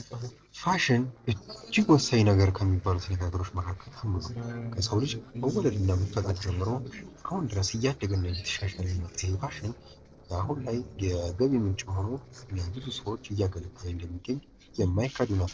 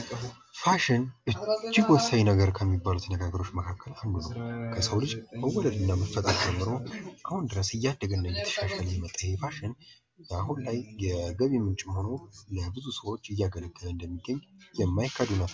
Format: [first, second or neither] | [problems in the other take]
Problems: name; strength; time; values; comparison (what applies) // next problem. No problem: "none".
second | noise reduction (neural separator model SepFormer DNS4)